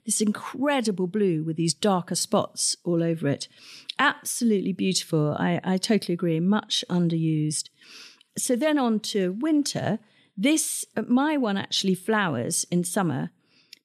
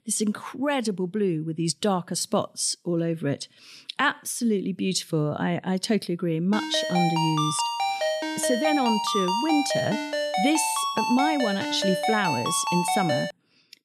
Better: first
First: none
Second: phone ringing; loud; from 6.5 to 13 s; peak 1 dB above the speech

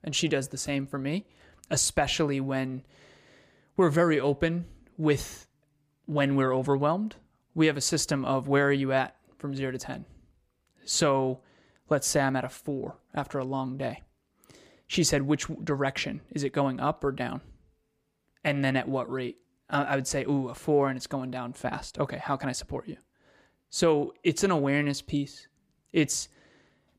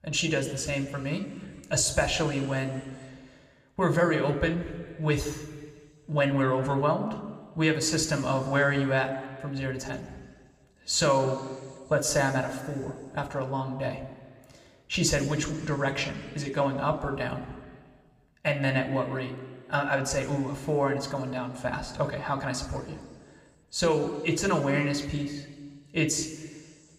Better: first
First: none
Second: room echo; slight; dies away in 1.7 s

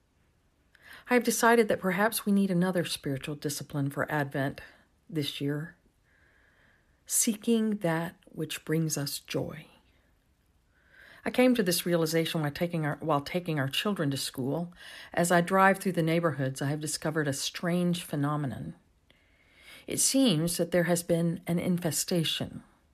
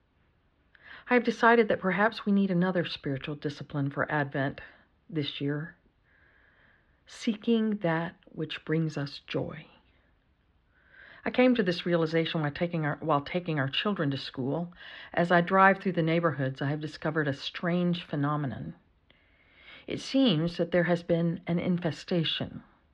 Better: first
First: none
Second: muffled; slightly; fading above 3.5 kHz

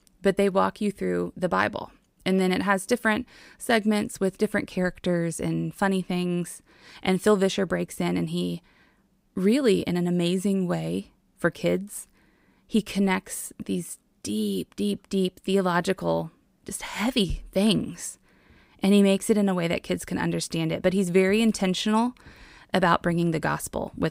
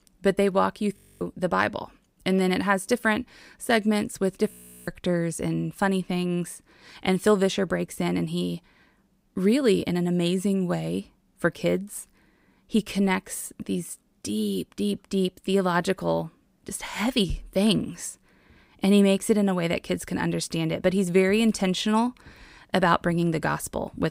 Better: first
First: none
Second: audio freezing; at 1 s and at 4.5 s

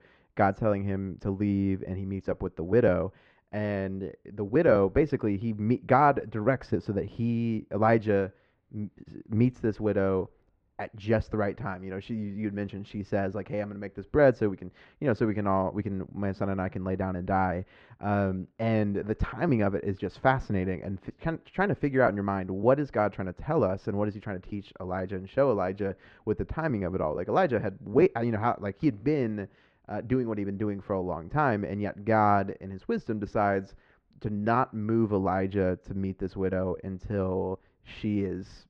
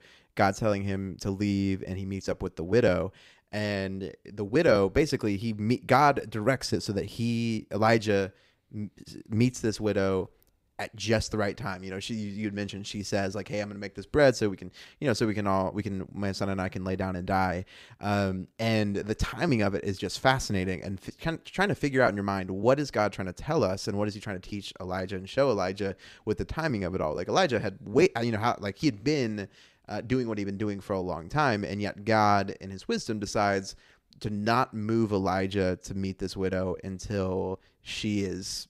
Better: second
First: muffled; very; fading above 1.5 kHz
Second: none

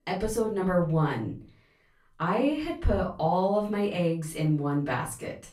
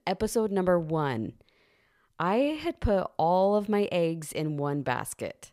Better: second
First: room echo; slight; dies away in 0.3 s // off-mic speech; far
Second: none

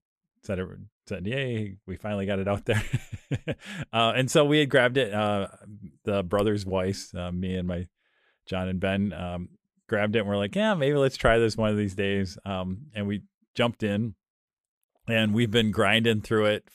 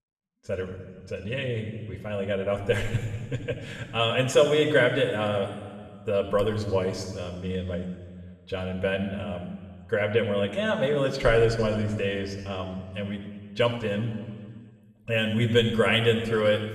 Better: first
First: none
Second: room echo; noticeable; dies away in 1.6 s // off-mic speech; somewhat distant

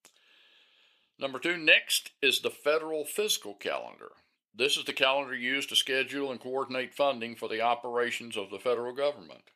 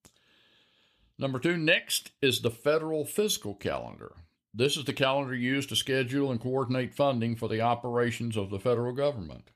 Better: second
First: thin; somewhat; fading below 400 Hz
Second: none

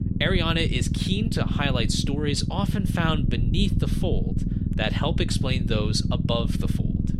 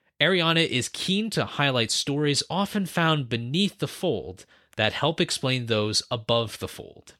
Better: second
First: low rumble; loud; throughout; 8 dB below the speech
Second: none

